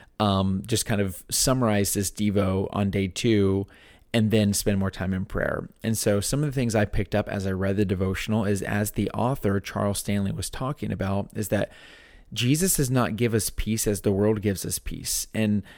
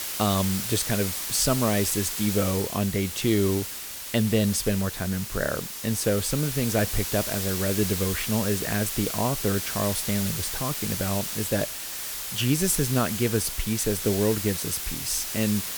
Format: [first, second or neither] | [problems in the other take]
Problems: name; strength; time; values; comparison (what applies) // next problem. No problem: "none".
first | hiss; loud; throughout; 3 dB below the speech